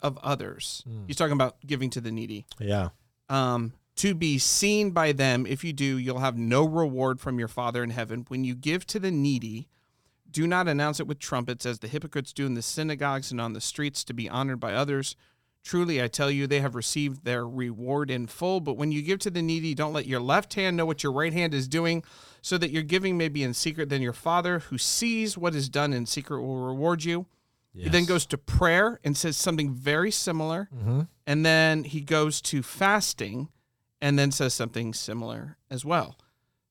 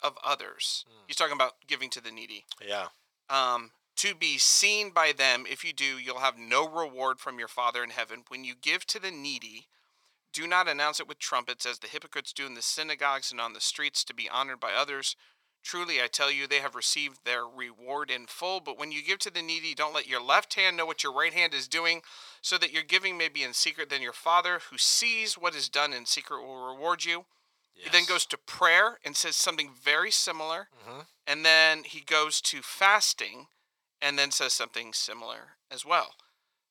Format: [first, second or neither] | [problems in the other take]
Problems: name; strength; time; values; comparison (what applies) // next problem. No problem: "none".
first | thin; very; fading below 700 Hz